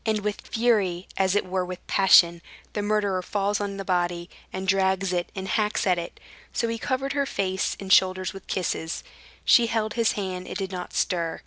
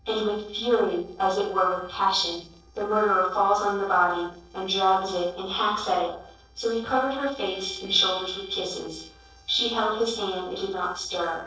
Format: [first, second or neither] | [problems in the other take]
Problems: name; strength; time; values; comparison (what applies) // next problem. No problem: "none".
first | noise reduction (neural separator model SepFormer DNS4)